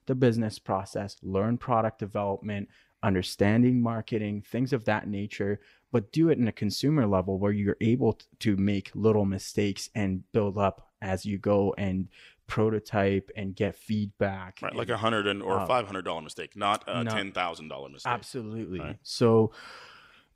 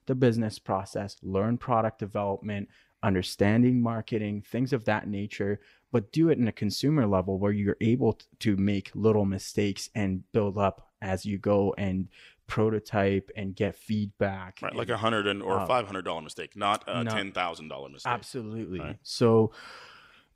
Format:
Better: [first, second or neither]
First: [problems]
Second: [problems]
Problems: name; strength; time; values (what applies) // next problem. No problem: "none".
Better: neither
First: none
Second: none